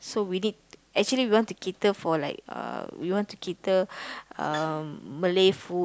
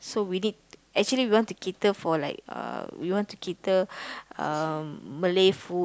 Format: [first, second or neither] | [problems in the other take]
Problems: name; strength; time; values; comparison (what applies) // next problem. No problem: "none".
second | background sound (Bowed string instrument); 19 dB below the speech